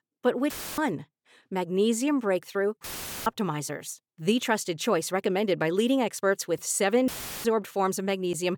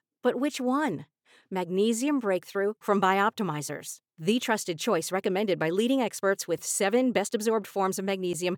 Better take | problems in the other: second | audio cutting out; filled with static; at 0.5 s, at 3 s and at 7 s

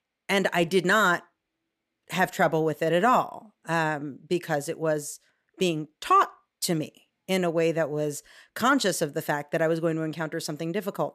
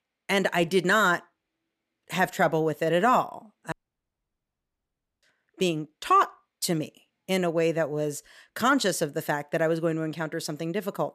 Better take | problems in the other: first | audio cutting out; at 3.5 s for 1.5 s

